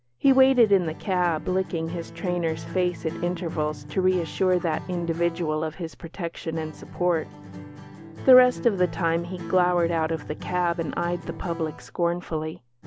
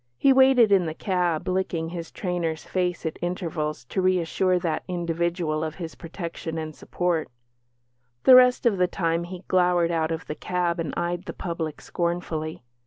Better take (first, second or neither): second